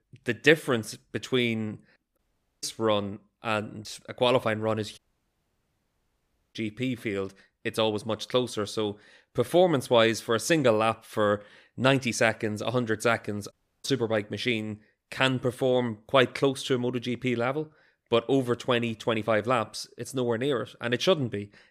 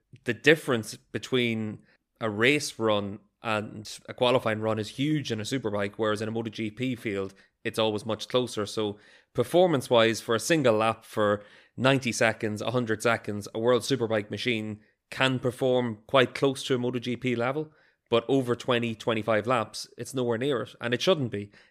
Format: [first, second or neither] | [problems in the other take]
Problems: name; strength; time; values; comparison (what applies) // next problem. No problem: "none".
second | audio cutting out; at 2 s, at 5 s for 1.5 s and at 14 s